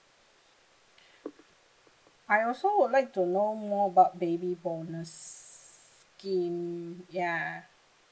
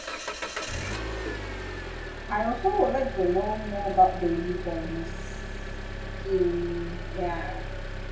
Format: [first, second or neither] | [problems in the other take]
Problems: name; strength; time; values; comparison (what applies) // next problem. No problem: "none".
first | background sound (Engine); 5 dB below the speech // room echo; dies away in 0.7 s